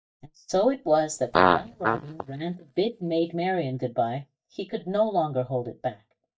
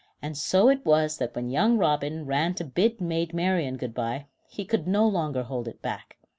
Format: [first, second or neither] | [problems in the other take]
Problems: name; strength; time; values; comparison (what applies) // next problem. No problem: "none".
second | noise reduction (neural mask model DeepFilterNet 3)